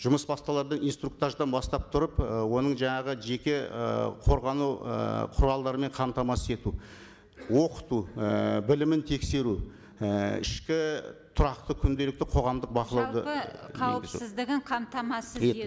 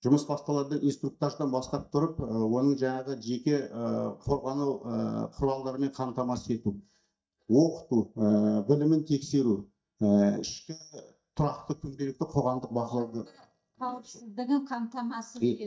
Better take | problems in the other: first | noise reduction (neural mask model DeepFilterNet 3)

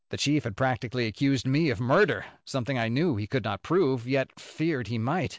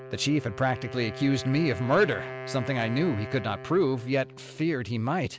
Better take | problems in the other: first | background sound (Wind instrument, woodwind instrument); 13 dB below the speech

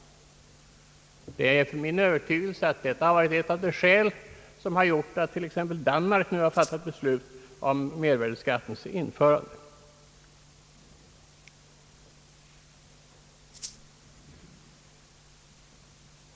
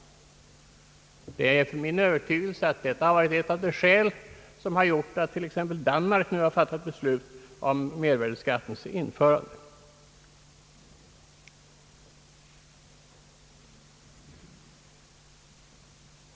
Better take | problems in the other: second | background sound (Rattle (instrument)); 15 dB below the speech

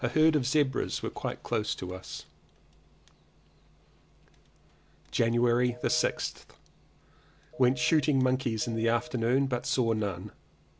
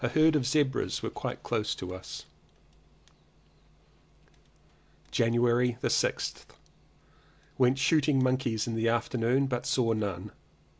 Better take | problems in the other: second | background sound (Telephone); 19 dB below the speech

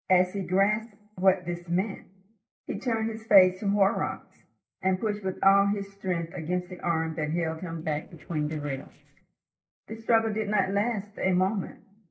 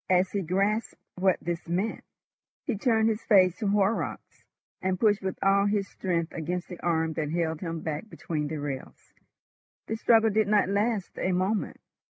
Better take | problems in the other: second | noise reduction (neural separator model SepFormer DNS4)

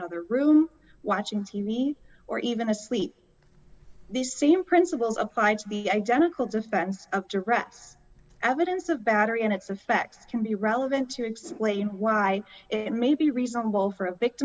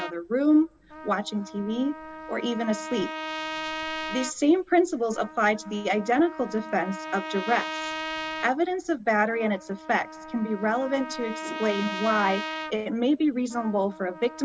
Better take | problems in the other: first | background sound (Trumpet); 10 dB below the speech

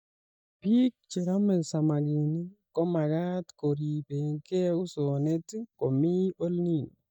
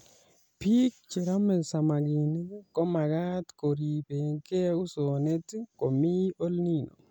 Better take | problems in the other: second | noise reduction (neural mask model DeepFilterNet 3)

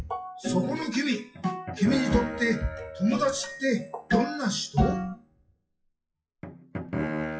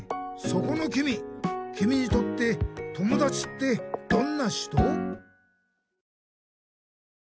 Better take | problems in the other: second | noise reduction (classical method WPE with log-MMSE)

